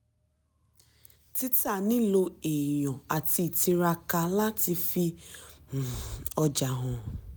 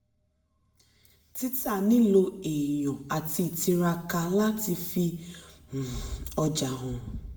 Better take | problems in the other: first | room echo; dies away in 0.8 s

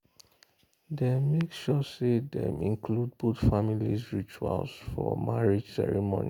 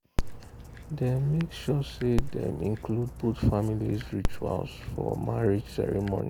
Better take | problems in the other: first | background sound (Dog); 6 dB below the speech

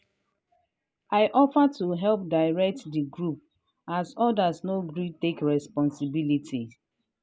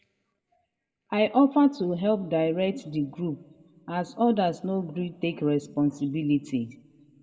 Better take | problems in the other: first | room echo; dies away in 1 s

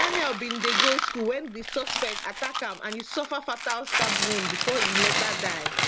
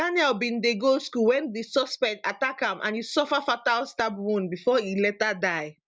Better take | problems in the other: second | background sound (Coin (dropping)); 3 dB above the speech

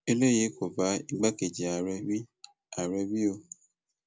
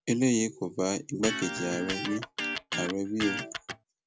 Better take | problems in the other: first | background sound (Electric guitar); 5 dB below the speech

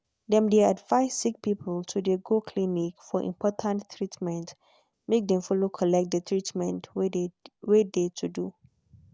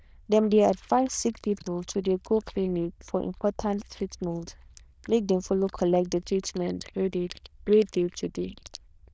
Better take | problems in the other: first | noise reduction (neural diffusion model UNIVERSE++)

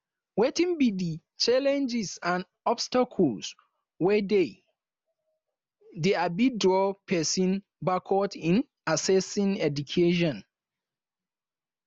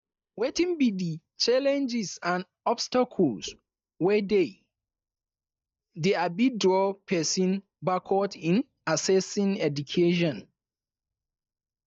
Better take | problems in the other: first | noise reduction (neural mask model DeepFilterNet 3)

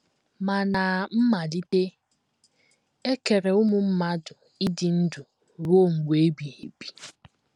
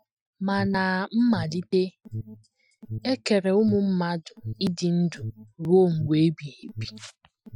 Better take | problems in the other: first | noise reduction (classical method Wiener filter)

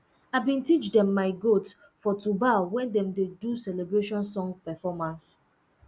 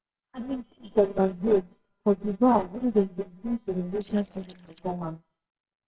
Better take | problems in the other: first | noise reduction (neural separator model SepFormer WHAMR!)

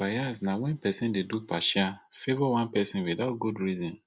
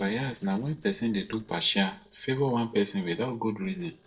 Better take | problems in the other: first | noise reduction (neural separator model SepFormer DNS4)

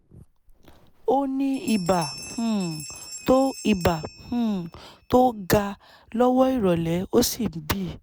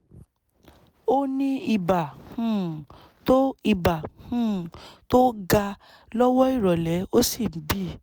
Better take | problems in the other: second | background sound (Bell); 20 dB below the speech

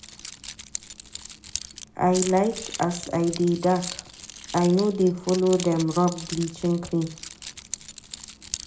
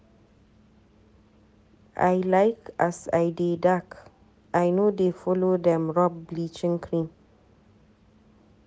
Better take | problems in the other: second | background sound (Keys jangling); 12 dB below the speech // room echo; dies away in 0.4 s

